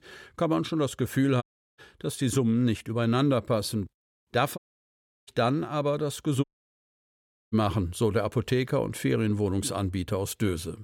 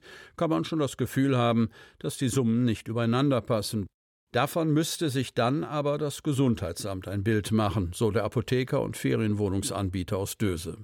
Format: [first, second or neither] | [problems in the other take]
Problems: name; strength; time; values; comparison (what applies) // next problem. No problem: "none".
second | audio cutting out; at 1.5 s, at 4.5 s for 0.5 s and at 6.5 s for 1 s